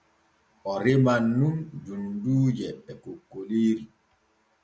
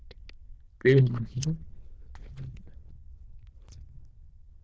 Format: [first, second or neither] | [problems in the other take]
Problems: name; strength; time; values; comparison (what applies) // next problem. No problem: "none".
first | noise reduction (neural diffusion model UNIVERSE++)